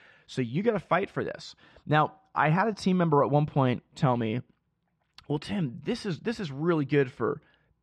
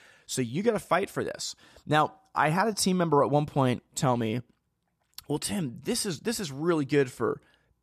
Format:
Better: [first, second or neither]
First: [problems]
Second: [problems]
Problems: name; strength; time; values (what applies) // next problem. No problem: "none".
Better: second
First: muffled; slightly; fading above 3 kHz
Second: none